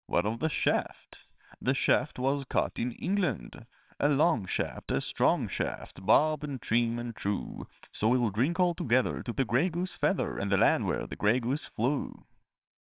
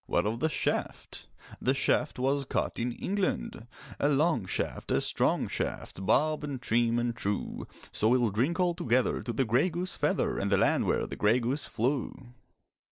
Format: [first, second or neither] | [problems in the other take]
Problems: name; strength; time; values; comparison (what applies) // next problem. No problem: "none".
second | noise reduction (neural separator model SepFormer WHAMR!)